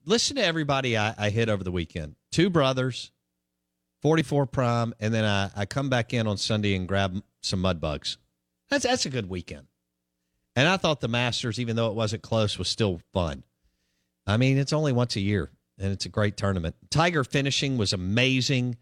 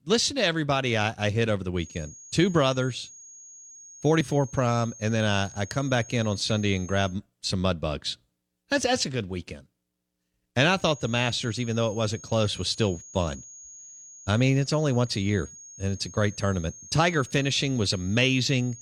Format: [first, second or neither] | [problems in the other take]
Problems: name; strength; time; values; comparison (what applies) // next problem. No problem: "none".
first | high-pitched whine; noticeable; from 2 to 7 s and from 11 s on; 6.5 kHz, 20 dB below the speech